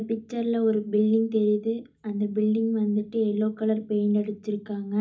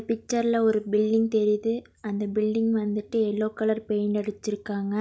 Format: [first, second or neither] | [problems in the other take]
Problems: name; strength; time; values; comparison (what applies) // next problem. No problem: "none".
second | room echo; dies away in 0.4 s